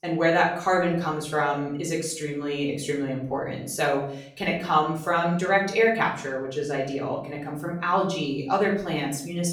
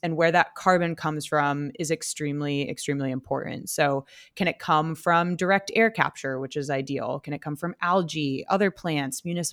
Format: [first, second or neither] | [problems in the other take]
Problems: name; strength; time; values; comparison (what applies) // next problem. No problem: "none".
second | off-mic speech; far // room echo; slight; dies away in 0.5 s